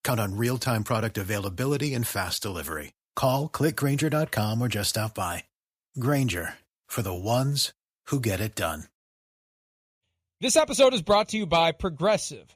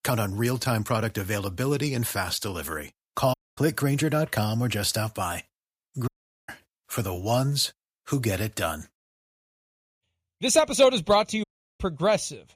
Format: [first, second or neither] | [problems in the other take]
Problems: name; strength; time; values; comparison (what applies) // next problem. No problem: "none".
first | audio cutting out; at 3.5 s, at 6 s and at 11 s